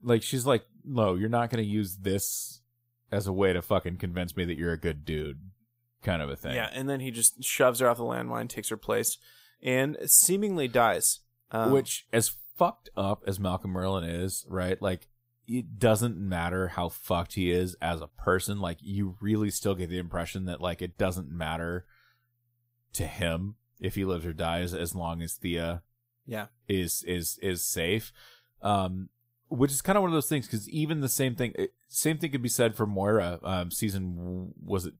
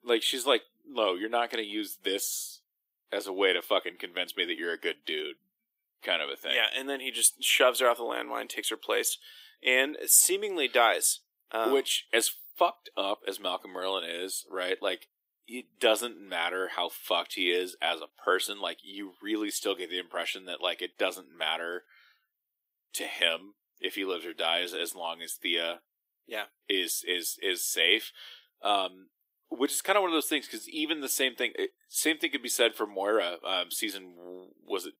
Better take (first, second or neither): first